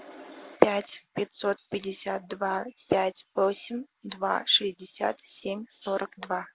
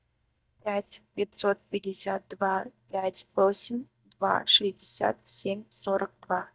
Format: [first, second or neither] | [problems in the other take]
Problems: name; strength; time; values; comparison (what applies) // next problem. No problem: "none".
first | noise reduction (neural mask model DeepFilterNet 3)